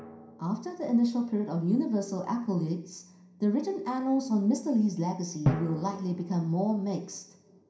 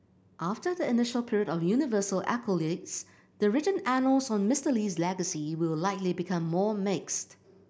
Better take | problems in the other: second | background sound (Drum); 11 dB below the speech // room echo; dies away in 0.5 s

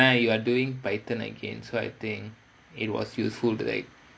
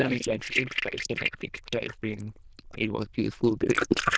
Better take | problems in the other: first | noise reduction (neural diffusion model UNIVERSE++)

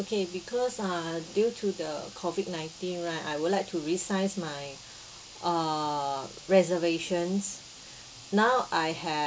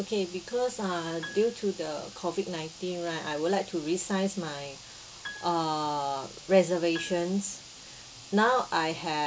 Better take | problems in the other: first | background sound (Piano); 19 dB below the speech

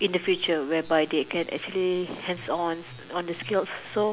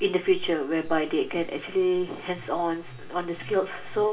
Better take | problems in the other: first | room echo; dies away in 0.2 s

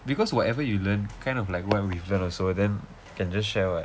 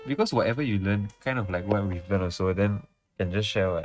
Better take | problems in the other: first | noise reduction (neural mask model RNNoise)

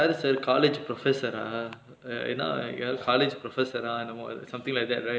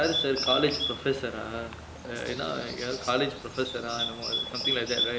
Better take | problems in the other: first | background sound (Bird); 3 dB below the speech

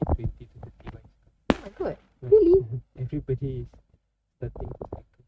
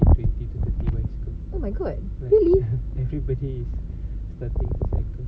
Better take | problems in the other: second | noise reduction (neural mask model RNNoise)

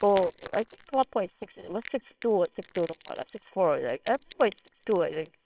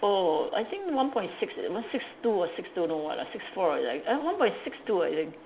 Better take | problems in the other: second | noise reduction (neural separator model SepFormer WHAMR!)

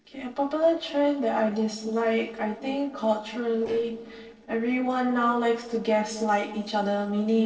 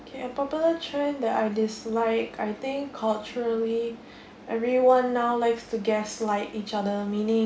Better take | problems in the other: second | noise reduction (neural separator model SepFormer DNS4)

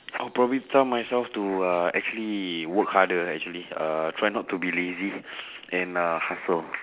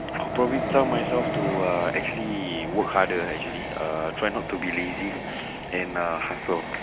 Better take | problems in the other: first | background sound (Train); 4 dB below the speech

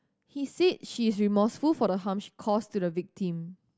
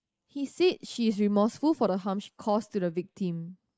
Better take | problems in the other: first | noise reduction (neural mask model Resemble Enhance denoiser)

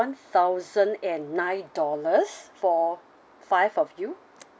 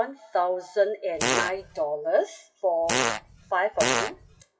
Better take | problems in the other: first | noise reduction (classical method WPE with log-MMSE)

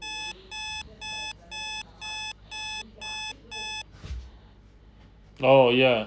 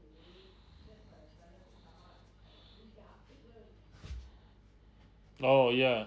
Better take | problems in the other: second | background sound (Alarm); 9 dB below the speech

